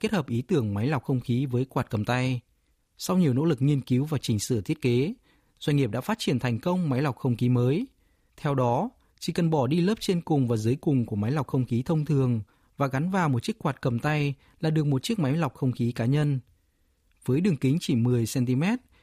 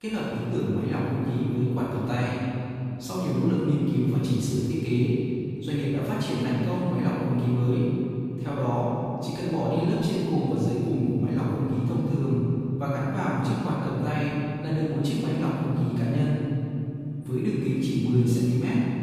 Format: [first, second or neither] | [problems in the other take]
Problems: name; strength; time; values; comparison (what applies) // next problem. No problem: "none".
first | room echo; strong; dies away in 2.9 s // off-mic speech; far